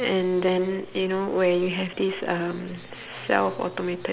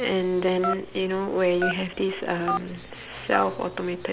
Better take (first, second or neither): first